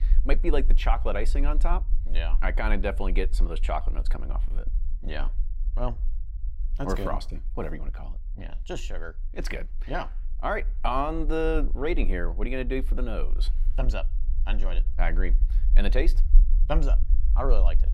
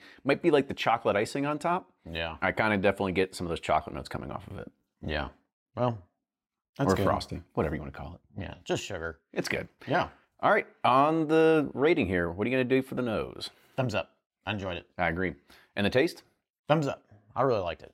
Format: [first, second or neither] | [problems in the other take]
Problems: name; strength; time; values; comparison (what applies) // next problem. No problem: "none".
second | low rumble; faint; throughout; 20 dB below the speech